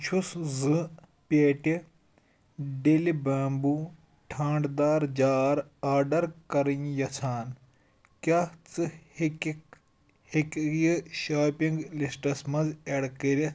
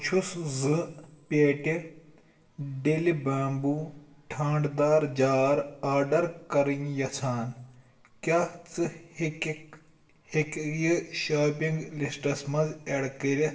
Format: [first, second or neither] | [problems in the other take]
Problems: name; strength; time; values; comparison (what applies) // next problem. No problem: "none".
first | room echo; dies away in 0.7 s